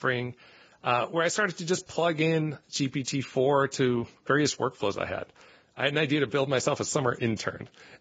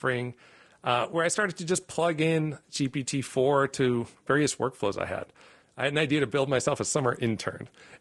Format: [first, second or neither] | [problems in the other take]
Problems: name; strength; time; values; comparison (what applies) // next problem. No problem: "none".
second | garbled, watery; badly; nothing above 7.5 kHz; slightly in the second